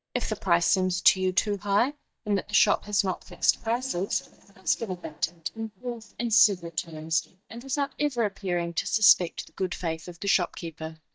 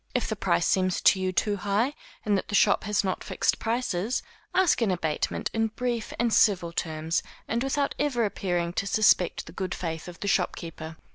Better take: second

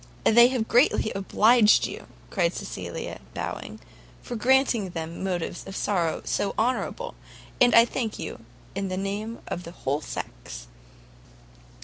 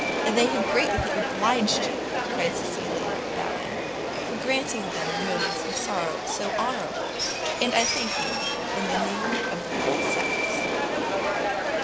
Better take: first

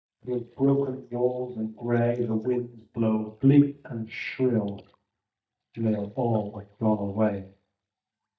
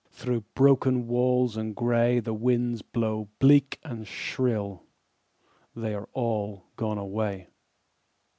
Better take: second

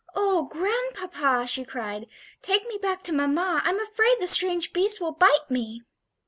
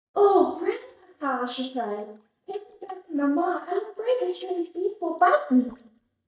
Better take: first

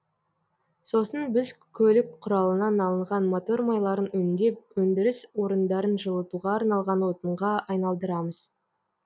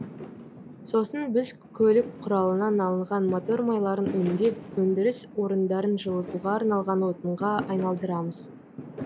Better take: first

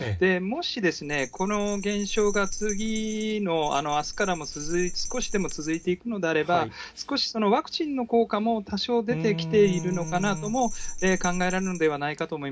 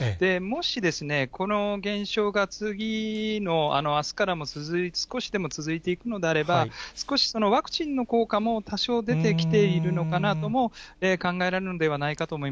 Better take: second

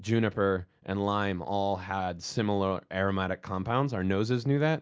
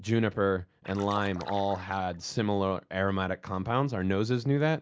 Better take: first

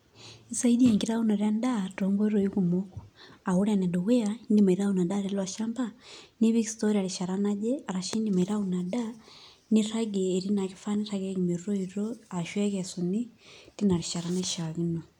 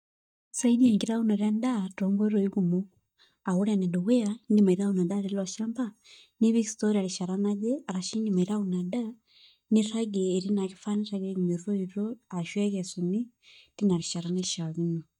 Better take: first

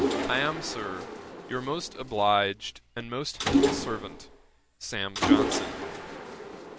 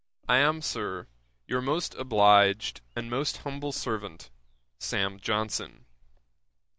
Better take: second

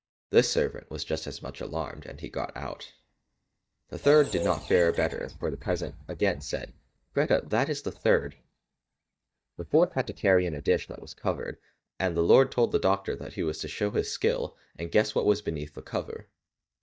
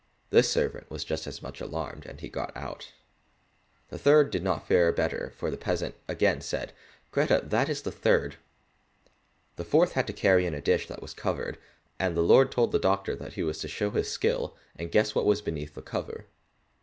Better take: second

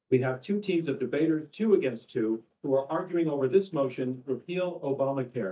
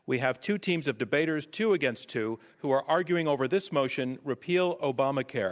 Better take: second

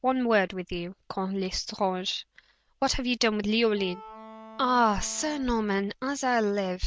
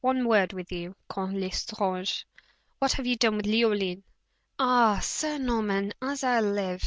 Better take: second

